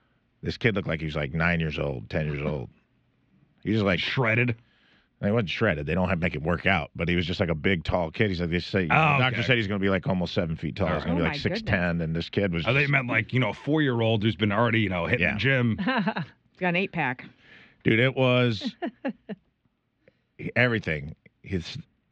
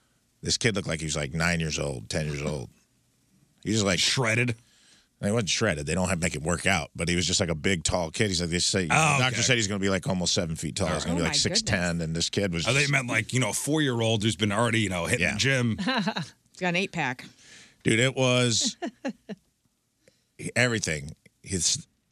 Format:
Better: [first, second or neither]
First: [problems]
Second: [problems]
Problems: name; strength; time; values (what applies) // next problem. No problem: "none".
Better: second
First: muffled; very; fading above 3 kHz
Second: none